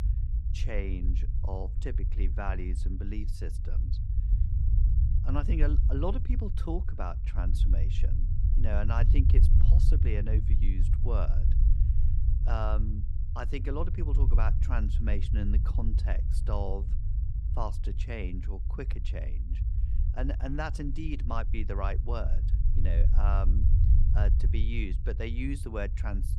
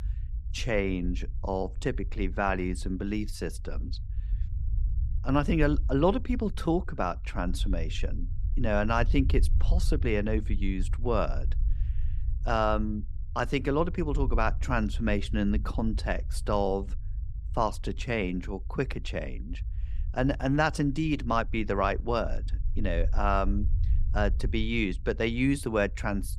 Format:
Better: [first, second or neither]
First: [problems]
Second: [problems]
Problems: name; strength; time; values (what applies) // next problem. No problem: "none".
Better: second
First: low rumble; loud; throughout; 8 dB below the speech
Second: low rumble; faint; throughout; 25 dB below the speech